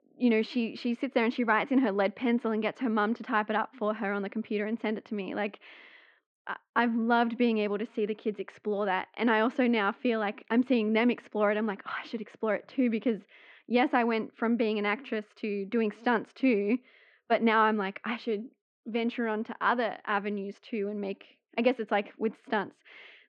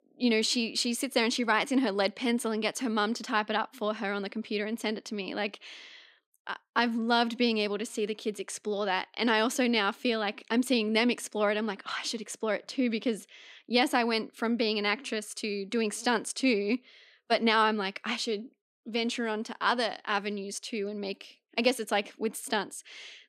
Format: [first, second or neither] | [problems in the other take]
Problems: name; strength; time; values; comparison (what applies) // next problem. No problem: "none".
second | muffled; very; fading above 2.5 kHz